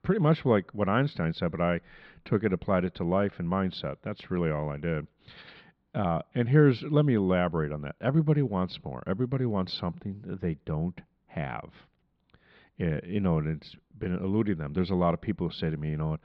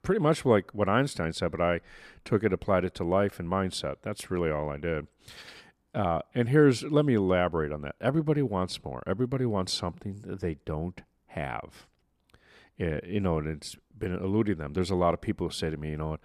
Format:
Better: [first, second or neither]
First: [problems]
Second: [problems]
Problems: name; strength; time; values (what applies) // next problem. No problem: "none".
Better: second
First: muffled; very slightly; fading above 4 kHz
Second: none